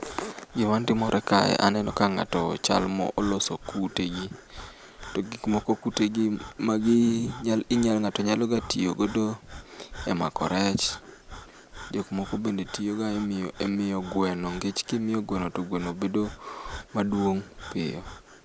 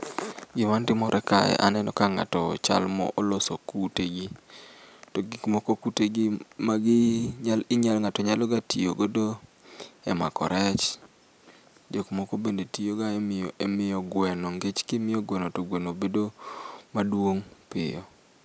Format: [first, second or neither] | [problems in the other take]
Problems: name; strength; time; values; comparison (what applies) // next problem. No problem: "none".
second | background sound (Breathing); 17 dB below the speech